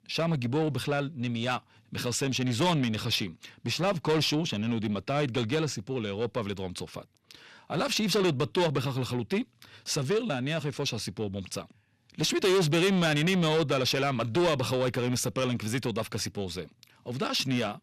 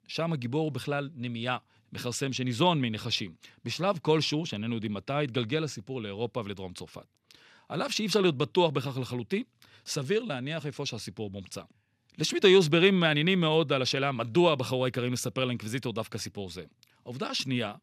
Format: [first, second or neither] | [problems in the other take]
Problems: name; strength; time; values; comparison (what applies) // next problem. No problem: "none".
second | distortion; heavy; 7 dB below the speech